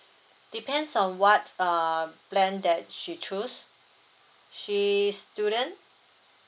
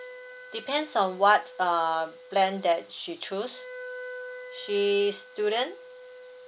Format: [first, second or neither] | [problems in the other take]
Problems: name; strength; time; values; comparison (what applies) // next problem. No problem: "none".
first | background sound (Wind instrument, woodwind instrument); 16 dB below the speech